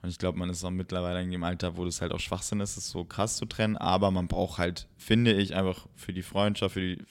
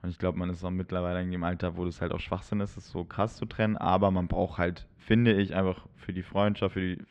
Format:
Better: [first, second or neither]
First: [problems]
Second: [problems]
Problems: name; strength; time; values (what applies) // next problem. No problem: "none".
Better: first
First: none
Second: muffled; very; fading above 2 kHz